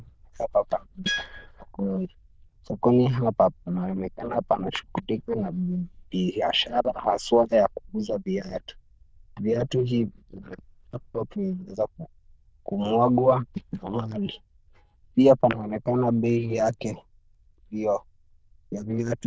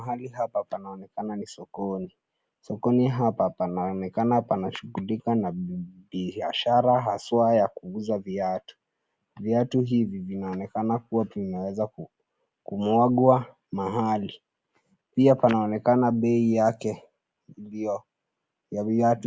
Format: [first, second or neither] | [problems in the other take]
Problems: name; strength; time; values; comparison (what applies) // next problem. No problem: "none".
second | noise reduction (neural diffusion model UNIVERSE++)